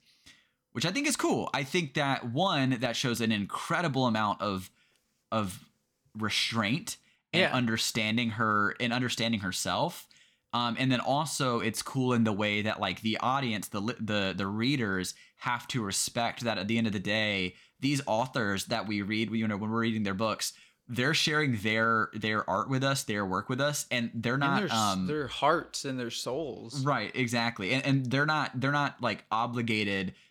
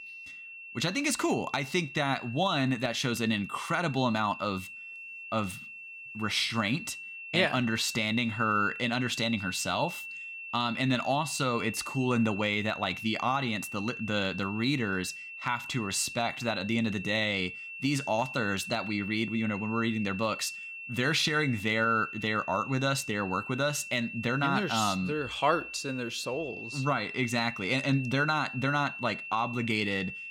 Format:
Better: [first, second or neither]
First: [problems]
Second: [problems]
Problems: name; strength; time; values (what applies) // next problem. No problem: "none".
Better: first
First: none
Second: high-pitched whine; loud; throughout; 2.5 kHz, 10 dB below the speech